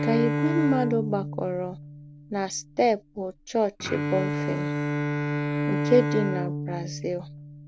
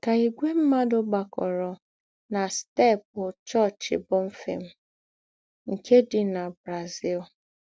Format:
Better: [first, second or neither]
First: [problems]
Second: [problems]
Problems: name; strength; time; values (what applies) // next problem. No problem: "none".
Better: second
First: background sound (Bowed string instrument); 2 dB below the speech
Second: none